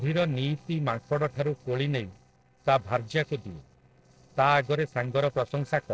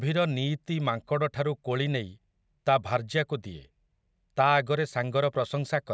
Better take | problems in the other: second | noise reduction (neural separator model SepFormer DNS4)

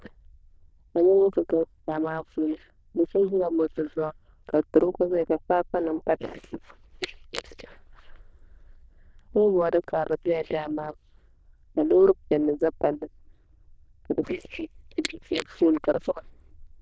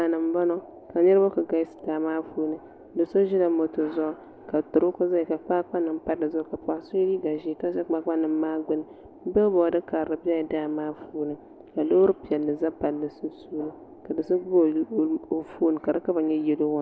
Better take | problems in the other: second | noise reduction (neural diffusion model UNIVERSE++)

